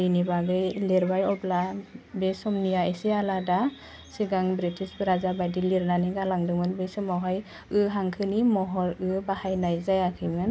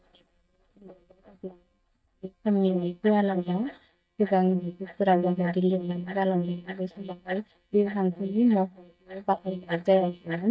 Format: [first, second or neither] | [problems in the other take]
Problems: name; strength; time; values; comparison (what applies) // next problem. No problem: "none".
first | noise reduction (neural mask model DeepFilterNet 3)